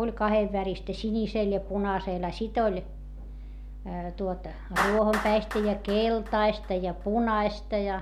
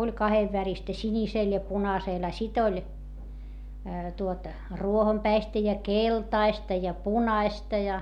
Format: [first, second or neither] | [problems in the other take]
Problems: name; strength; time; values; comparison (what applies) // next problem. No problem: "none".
second | background sound (Clapping); 12 dB below the speech